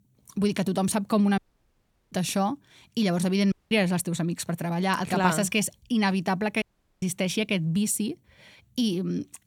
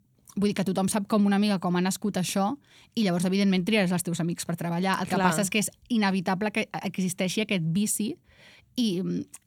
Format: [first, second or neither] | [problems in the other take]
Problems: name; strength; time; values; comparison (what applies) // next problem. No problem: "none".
second | audio cutting out; at 1.5 s for 0.5 s, at 3.5 s and at 6.5 s